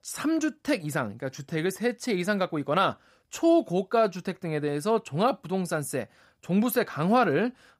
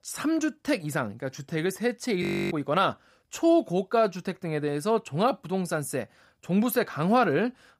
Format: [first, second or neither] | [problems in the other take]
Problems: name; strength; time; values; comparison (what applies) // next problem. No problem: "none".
first | audio freezing; at 2 s